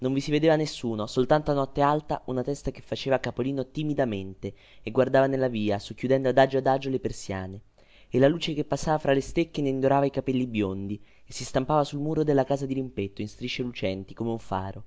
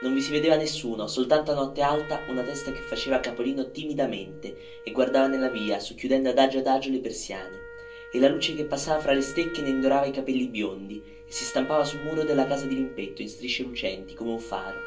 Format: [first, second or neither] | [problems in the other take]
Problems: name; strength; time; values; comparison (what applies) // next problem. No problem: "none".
first | background sound (Wind instrument, woodwind instrument); 15 dB below the speech // room echo; dies away in 0.3 s